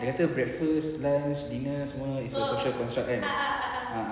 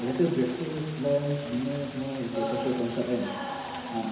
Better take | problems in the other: first | background sound (Rain); 15 dB below the speech // room echo; dies away in 0.3 s

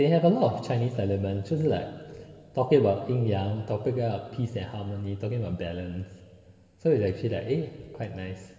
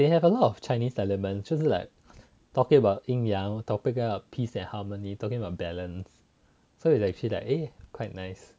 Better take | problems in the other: second | room echo; dies away in 2.7 s

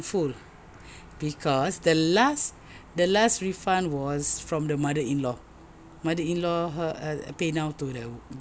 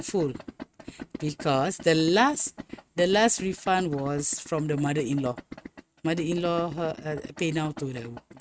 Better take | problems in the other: first | noise reduction (neural mask model RNNoise)

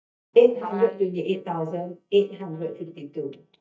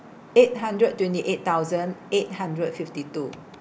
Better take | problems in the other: second | noise reduction (neural mask model DeepFilterNet 3)

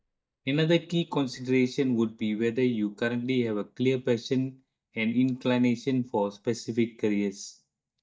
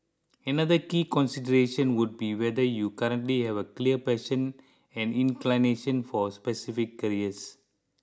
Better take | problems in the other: second | noise reduction (neural mask model DeepFilterNet 3)

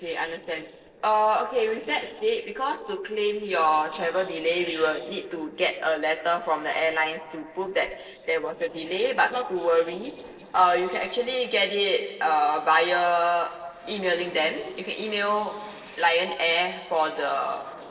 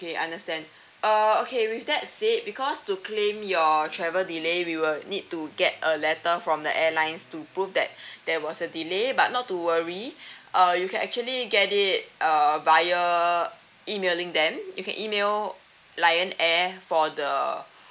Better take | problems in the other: second | noise reduction (neural separator model SepFormer DNS4)

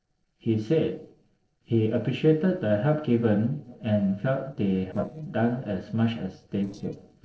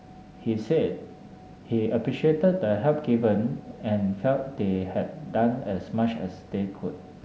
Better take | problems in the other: second | noise reduction (neural separator model SepFormer DNS4)

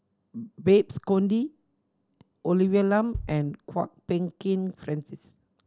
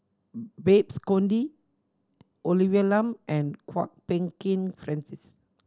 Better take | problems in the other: second | background sound (Bass drum); 16 dB below the speech

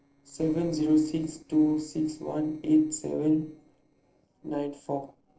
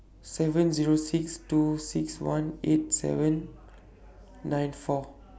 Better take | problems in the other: second | noise reduction (neural separator model SepFormer DNS4)

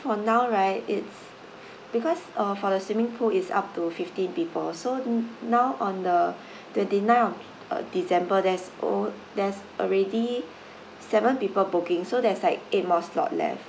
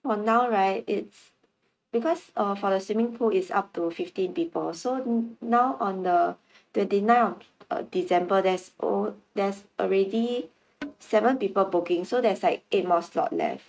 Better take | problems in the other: first | noise reduction (neural mask model RNNoise)

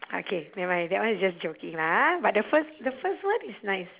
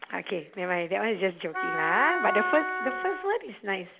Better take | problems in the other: first | background sound (Wind instrument, woodwind instrument); 2 dB below the speech

